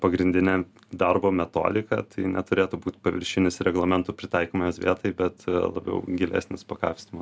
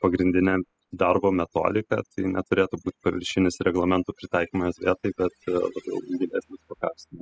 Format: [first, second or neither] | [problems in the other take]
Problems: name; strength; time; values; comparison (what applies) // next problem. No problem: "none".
first | noise reduction (classical method spectral subtraction)